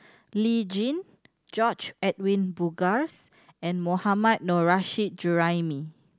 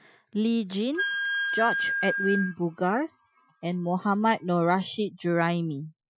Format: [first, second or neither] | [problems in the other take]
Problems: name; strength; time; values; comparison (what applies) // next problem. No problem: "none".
first | noise reduction (classical method Wiener filter)